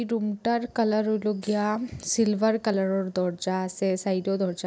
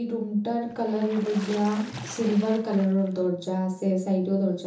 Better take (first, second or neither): first